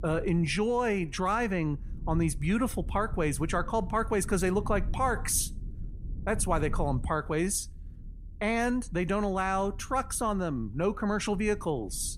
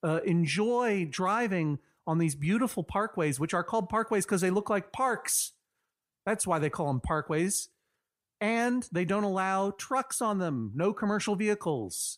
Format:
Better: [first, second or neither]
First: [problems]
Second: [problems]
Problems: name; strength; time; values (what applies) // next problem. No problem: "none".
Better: second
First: low rumble; faint; throughout; 25 dB below the speech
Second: none